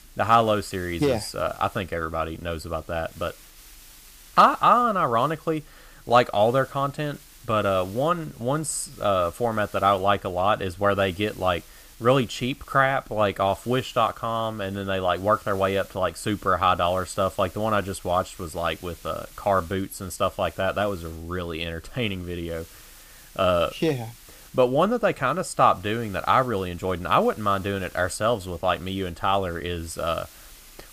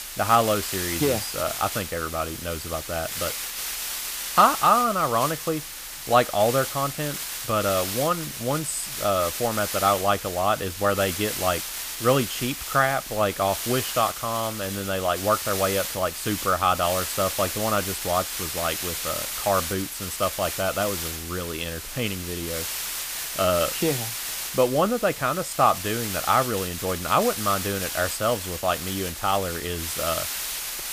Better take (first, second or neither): first